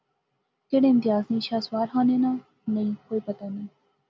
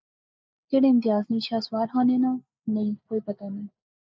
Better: first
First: none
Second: noise reduction (neural mask model Resemble Enhance denoiser)

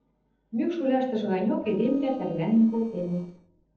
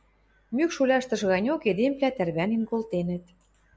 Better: second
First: noise reduction (neural separator model SepFormer DNS4)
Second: none

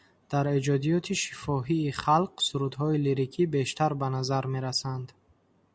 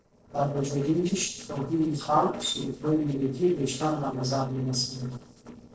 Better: first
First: none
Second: noise reduction (neural separator model SepFormer DNS4)

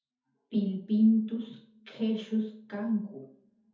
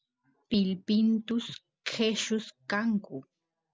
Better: second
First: room echo; dies away in 0.6 s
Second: none

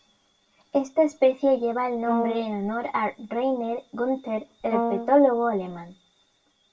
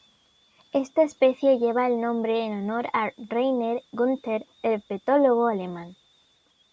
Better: second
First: background sound (Brass instrument); 3 dB below the speech // room echo; dies away in 0.2 s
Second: none

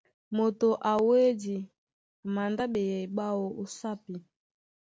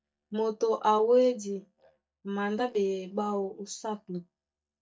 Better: first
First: none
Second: noise reduction (neural mask model DeepFilterNet 3)

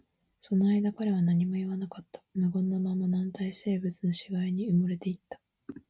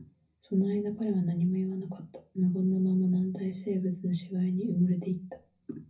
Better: first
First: none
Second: room echo; dies away in 0.4 s

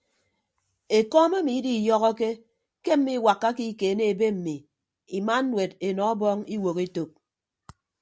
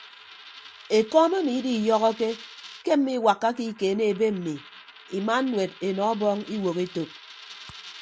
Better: first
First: none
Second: background sound (Coin (dropping)); 20 dB below the speech

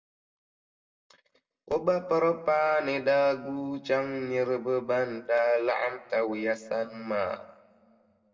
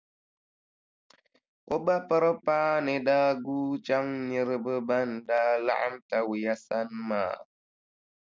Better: second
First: room echo; dies away in 1.2 s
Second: none

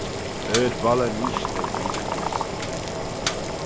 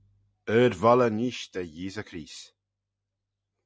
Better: second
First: background sound (Boiling + Liquid); 1 dB above the speech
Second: none

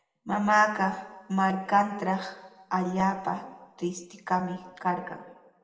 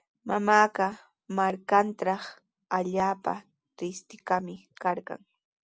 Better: second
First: room echo; dies away in 1 s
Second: none

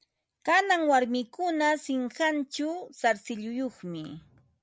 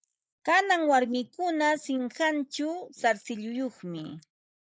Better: first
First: none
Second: noise reduction (neural mask model Resemble Enhance denoiser)

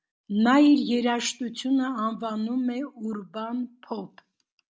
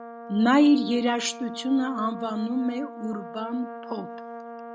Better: first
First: none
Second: background sound (Brass instrument); 14 dB below the speech

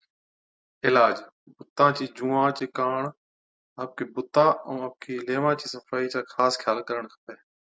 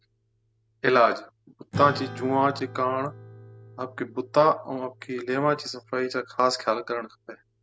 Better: first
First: none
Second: background sound (Acoustic guitar / Strum); 16 dB below the speech

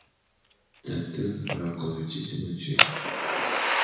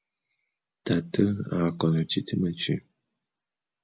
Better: second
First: background sound (Fire); 4 dB above the speech // room echo; dies away in 1 s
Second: none

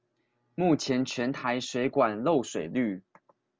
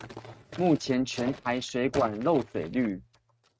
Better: first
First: none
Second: noise reduction (neural mask model RNNoise)

